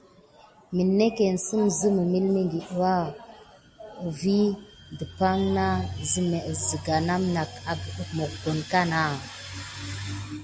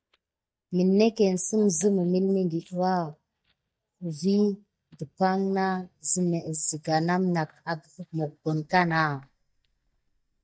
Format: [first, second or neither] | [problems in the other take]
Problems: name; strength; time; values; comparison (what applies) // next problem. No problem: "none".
first | noise reduction (neural mask model DeepFilterNet 3)